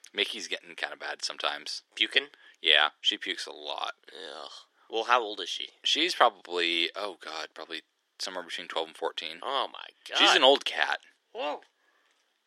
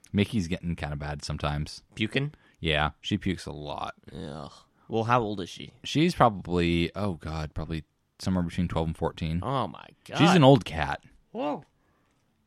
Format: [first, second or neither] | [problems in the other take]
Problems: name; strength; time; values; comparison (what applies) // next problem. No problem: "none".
second | thin; very; fading below 350 Hz